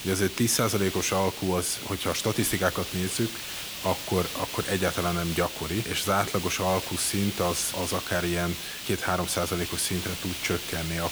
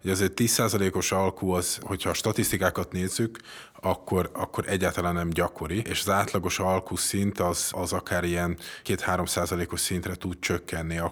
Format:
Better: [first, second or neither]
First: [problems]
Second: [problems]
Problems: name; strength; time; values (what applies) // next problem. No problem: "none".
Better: second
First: hiss; loud; throughout; 6 dB below the speech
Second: none